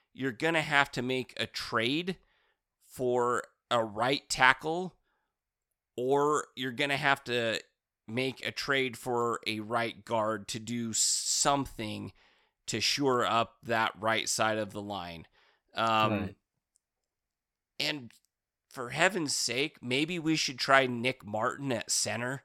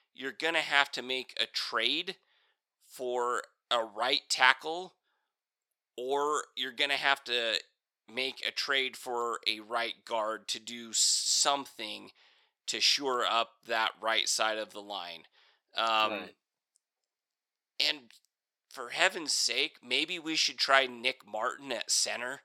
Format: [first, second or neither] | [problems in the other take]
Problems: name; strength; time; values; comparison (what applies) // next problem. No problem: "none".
first | thin; somewhat; fading below 400 Hz